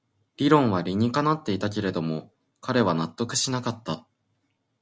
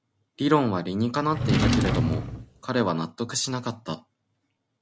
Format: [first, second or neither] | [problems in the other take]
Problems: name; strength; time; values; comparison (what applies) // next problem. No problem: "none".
first | background sound (Drawer open or close); 3 dB above the speech